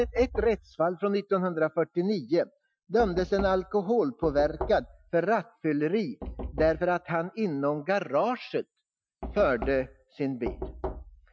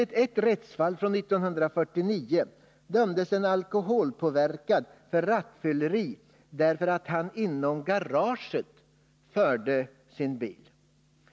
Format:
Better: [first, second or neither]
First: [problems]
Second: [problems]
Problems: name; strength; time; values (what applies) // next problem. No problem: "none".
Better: second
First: noise reduction (classical method Wiener filter)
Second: none